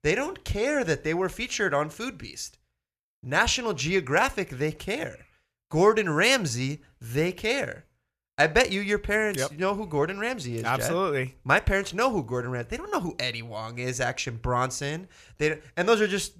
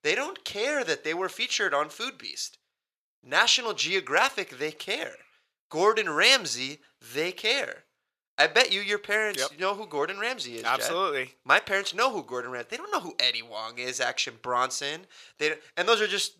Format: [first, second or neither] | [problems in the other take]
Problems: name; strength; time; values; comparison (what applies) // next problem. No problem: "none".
first | thin; somewhat; fading below 400 Hz